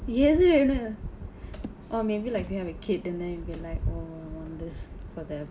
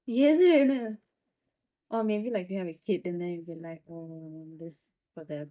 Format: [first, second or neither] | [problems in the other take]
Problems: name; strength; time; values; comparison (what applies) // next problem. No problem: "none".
first | noise reduction (neural mask model DeepFilterNet 3)